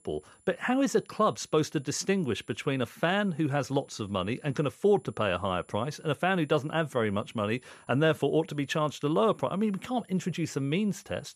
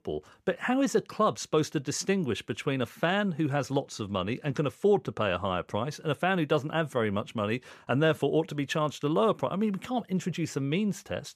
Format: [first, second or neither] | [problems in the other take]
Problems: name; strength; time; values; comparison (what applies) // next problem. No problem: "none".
second | high-pitched whine; faint; throughout; 10 kHz, 30 dB below the speech